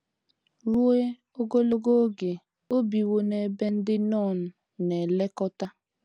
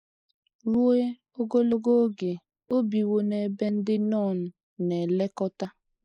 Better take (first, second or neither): first